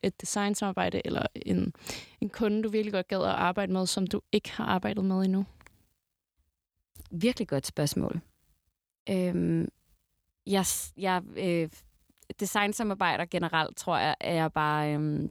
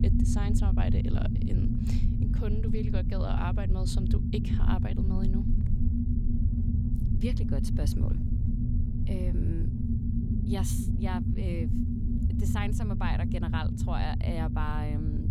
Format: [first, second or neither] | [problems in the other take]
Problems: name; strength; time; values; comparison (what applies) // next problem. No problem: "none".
first | low rumble; loud; throughout; 1 dB below the speech